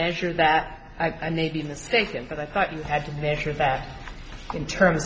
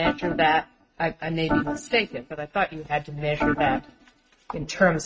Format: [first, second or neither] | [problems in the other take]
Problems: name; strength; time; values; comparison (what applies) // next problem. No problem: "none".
first | noise reduction (neural mask model RNNoise)